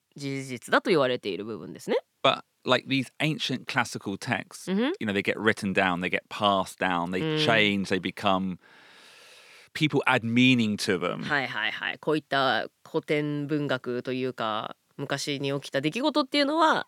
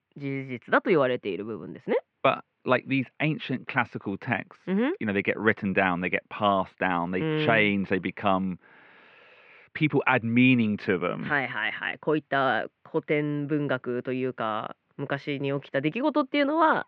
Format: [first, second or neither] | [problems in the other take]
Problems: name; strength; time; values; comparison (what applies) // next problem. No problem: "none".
first | muffled; very; fading above 2.5 kHz